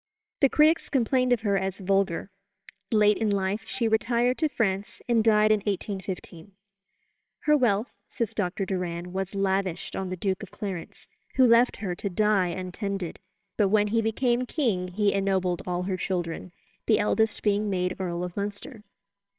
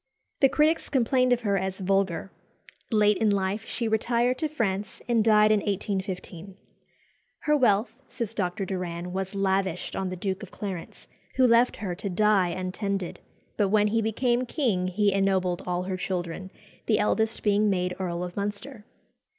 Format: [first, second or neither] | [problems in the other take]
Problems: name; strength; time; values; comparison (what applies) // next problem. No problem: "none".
second | noise reduction (neural separator model SepFormer WHAMR!)